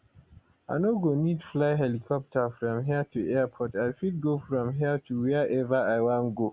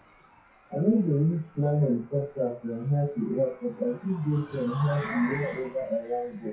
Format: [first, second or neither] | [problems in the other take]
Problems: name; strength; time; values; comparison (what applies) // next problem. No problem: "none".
first | noise reduction (classical method WPE with log-MMSE)